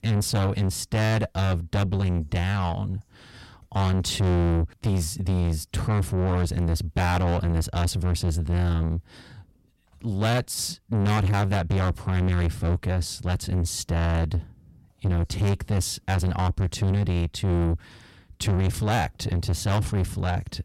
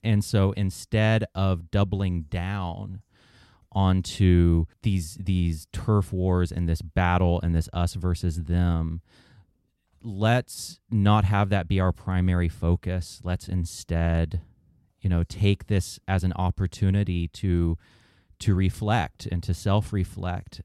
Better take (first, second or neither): second